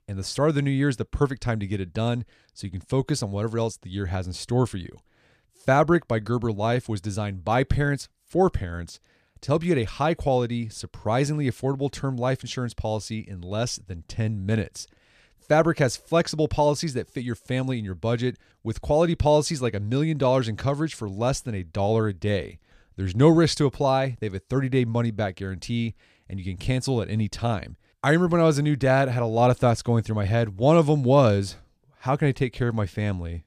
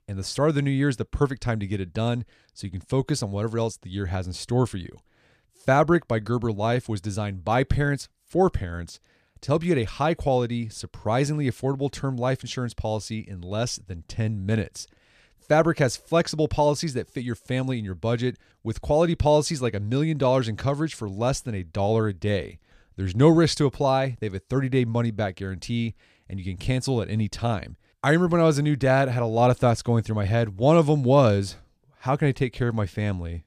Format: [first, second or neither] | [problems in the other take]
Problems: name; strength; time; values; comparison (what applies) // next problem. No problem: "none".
neither | none